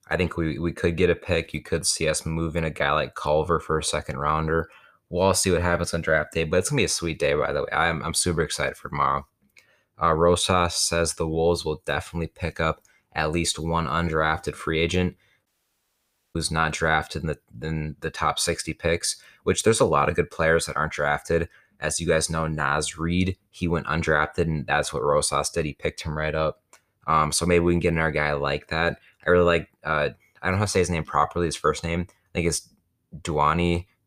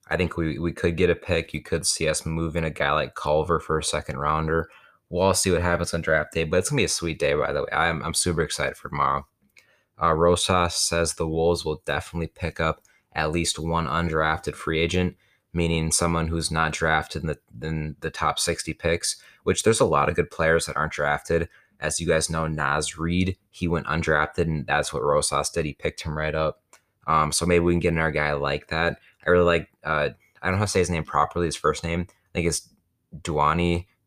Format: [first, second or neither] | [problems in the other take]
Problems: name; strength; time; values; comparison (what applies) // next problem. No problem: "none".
second | audio cutting out; at 15 s for 1 s